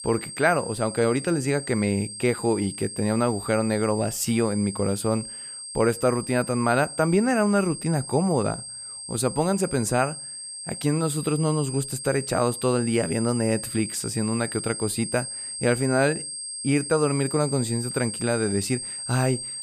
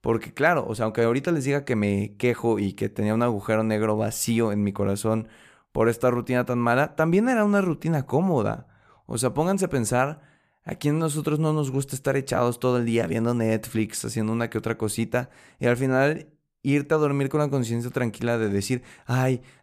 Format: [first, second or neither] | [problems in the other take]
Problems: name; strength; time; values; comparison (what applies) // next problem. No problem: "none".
second | high-pitched whine; loud; throughout; 8.5 kHz, 8 dB below the speech